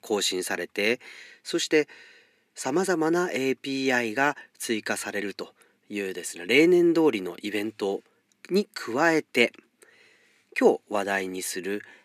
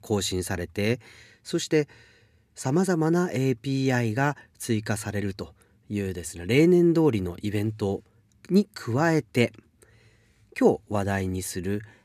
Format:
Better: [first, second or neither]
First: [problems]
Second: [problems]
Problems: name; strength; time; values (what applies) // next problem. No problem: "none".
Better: second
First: thin; somewhat; fading below 250 Hz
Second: none